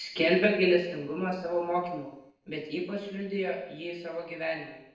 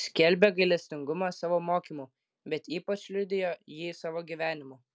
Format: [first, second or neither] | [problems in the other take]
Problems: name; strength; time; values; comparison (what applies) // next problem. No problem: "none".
second | noise reduction (neural separator model SepFormer DNS4)